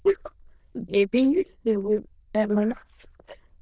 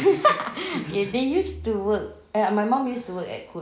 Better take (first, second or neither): second